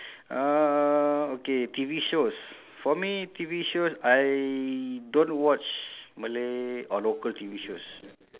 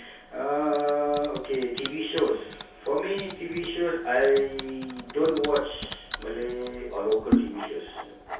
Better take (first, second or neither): first